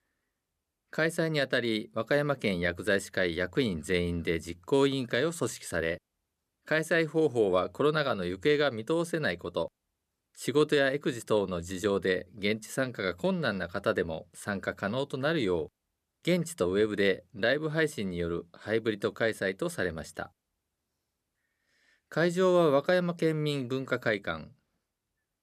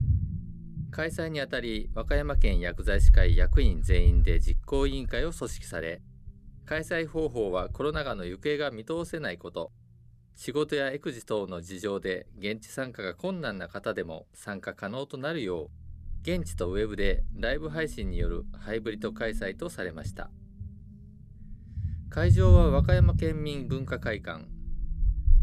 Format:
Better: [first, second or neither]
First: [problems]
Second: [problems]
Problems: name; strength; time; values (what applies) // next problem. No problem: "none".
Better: first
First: none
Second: low rumble; noticeable; throughout; 10 dB below the speech